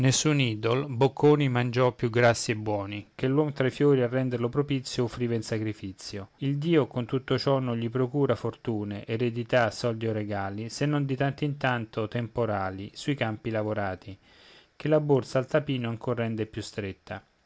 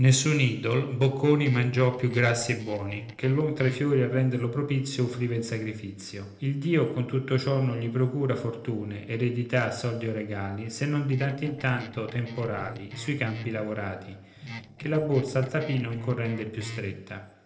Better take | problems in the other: first | noise reduction (neural separator model SepFormer DNS4)

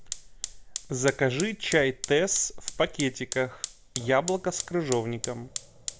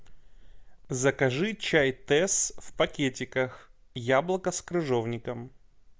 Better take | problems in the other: second | background sound (Fire); 11 dB below the speech

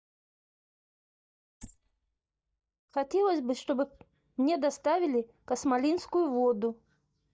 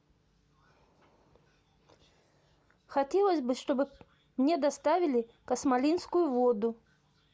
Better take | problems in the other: second | noise reduction (neural mask model DeepFilterNet 3)

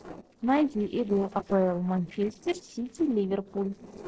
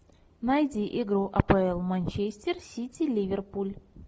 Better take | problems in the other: second | noise reduction (neural separator model SepFormer DNS4)

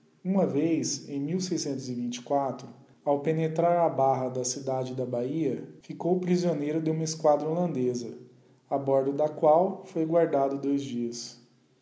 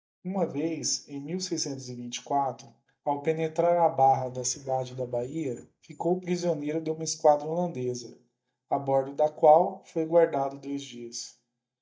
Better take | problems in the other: first | noise reduction (neural mask model DeepFilterNet 3)

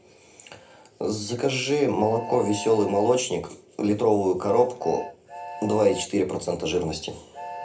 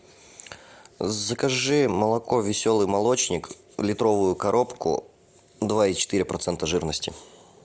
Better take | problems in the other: second | background sound (Train); 15 dB below the speech // room echo; dies away in 0.3 s

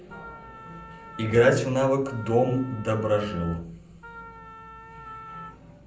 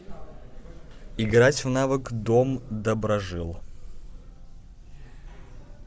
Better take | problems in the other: second | background sound (Wind instrument, woodwind instrument); 17 dB below the speech // room echo; dies away in 0.6 s

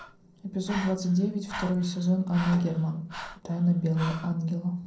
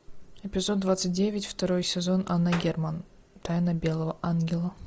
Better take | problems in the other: second | background sound (Breathing); 14 dB below the speech // room echo; dies away in 0.6 s

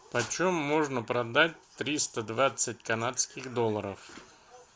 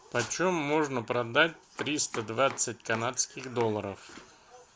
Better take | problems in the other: first | background sound (Domestic sounds, home sounds); 16 dB below the speech

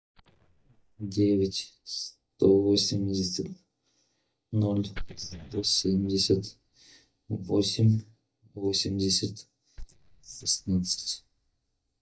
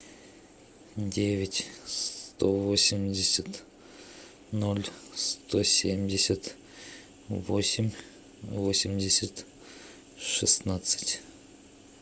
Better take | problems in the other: second | noise reduction (neural mask model DeepFilterNet 3)

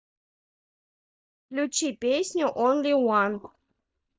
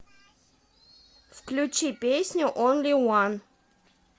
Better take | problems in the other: second | noise reduction (neural mask model DeepFilterNet 3)

